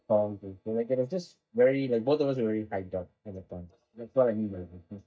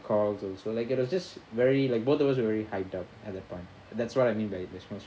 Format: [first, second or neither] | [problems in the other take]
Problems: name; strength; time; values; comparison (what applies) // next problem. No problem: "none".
second | noise reduction (neural mask model DeepFilterNet 3)